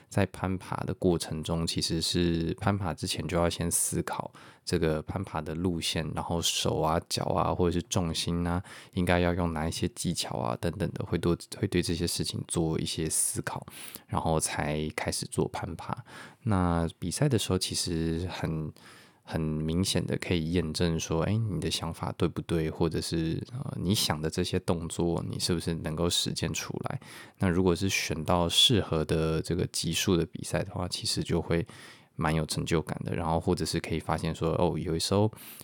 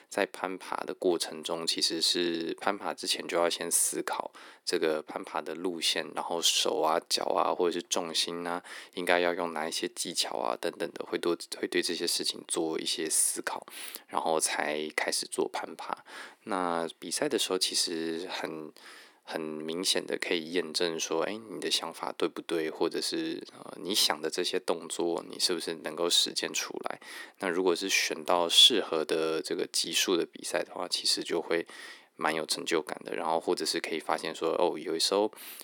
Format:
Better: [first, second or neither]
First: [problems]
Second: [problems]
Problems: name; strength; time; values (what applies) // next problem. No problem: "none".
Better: first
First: none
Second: thin; somewhat; fading below 300 Hz